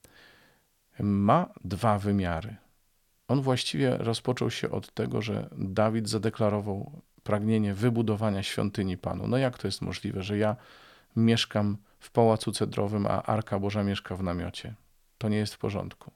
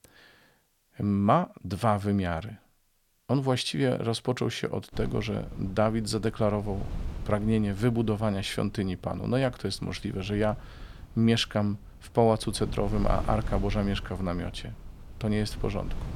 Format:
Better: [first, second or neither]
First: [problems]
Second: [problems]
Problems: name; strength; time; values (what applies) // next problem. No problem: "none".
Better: first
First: none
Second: wind noise on the microphone; occasional gusts; from 5 s on; 20 dB below the speech